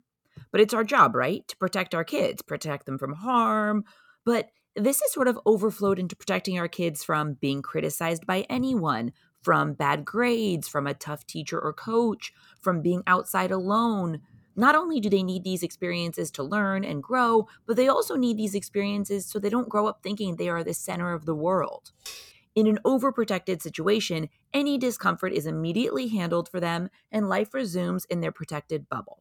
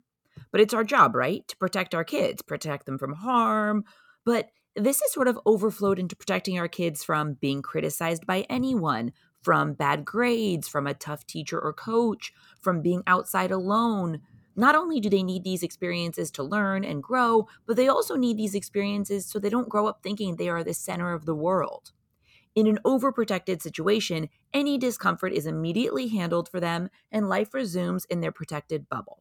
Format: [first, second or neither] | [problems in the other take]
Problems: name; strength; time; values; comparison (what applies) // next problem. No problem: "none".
second | clattering dishes; faint; at 22 s; peak 15 dB below the speech